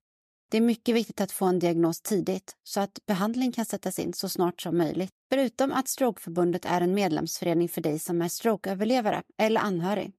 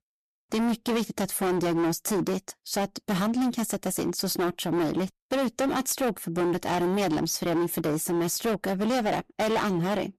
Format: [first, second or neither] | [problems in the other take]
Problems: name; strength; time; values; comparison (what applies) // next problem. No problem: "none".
first | distortion; heavy; 23% of the sound clipped